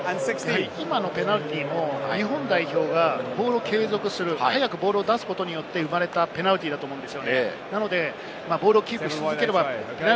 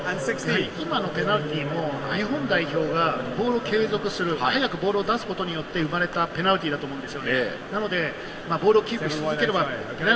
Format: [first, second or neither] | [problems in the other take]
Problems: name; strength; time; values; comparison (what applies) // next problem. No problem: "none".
first | background sound (Stream); 20 dB below the speech // room echo; dies away in 1.5 s